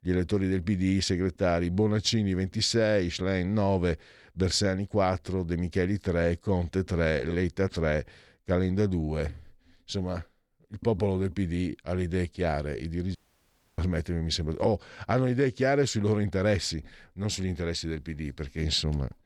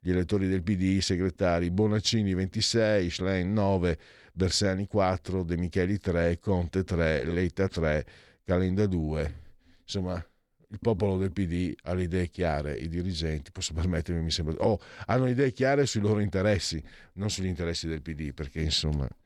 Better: second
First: audio cutting out; at 13 s for 0.5 s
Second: none

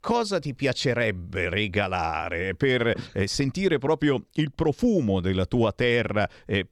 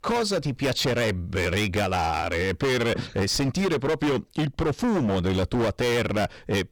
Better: first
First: none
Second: distortion; heavy; 26% of the sound clipped

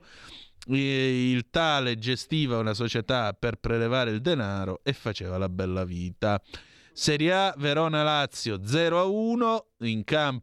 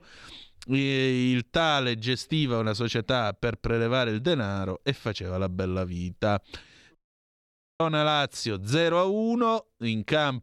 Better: first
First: none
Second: audio cutting out; at 7 s for 1 s

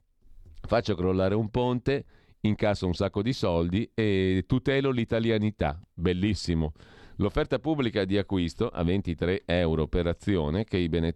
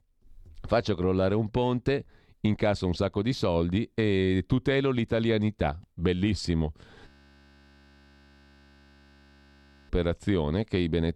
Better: first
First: none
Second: audio freezing; at 7 s for 3 s

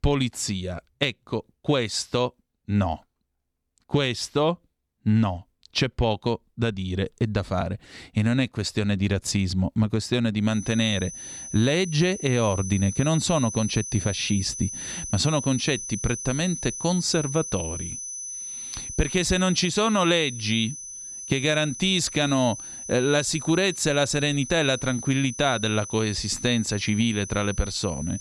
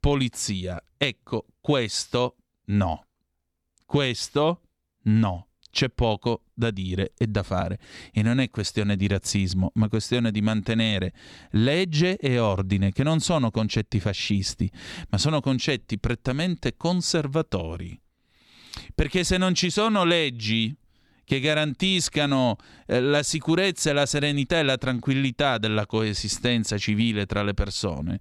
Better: second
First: high-pitched whine; loud; from 11 s on; 6 kHz, 9 dB below the speech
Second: none

